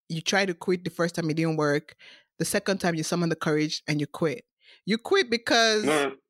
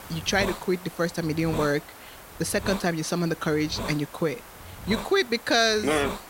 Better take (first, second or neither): first